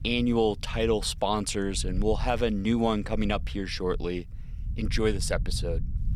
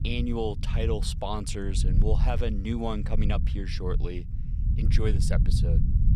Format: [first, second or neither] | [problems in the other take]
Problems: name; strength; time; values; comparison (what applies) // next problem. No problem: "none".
first | low rumble; loud; throughout; 9 dB below the speech; faint in the first